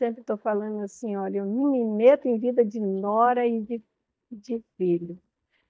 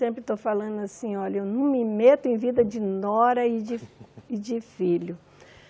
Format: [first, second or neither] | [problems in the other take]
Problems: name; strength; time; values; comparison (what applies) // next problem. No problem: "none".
second | noise reduction (neural mask model DeepFilterNet 3)